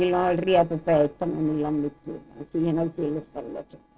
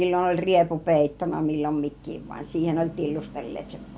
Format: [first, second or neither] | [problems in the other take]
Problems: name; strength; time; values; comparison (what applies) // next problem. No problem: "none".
second | noise reduction (neural separator model SepFormer DNS4)